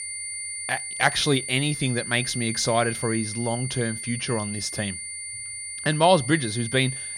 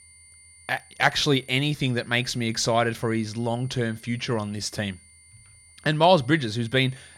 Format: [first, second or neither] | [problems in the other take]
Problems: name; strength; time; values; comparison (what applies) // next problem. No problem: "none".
second | high-pitched whine; loud; throughout; 9.5 kHz, 6 dB below the speech; faint in the second